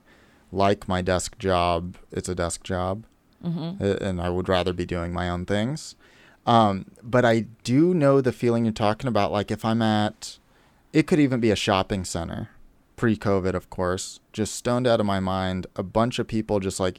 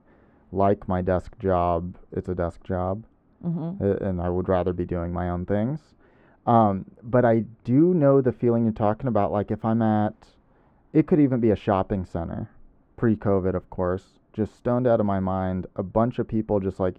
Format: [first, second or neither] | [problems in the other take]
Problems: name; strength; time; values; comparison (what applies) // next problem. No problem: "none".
first | muffled; very; fading above 2.5 kHz